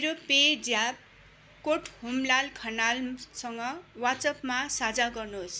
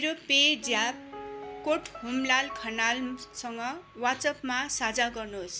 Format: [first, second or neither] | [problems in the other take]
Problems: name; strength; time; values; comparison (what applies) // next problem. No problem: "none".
first | background sound (Piano); 17 dB below the speech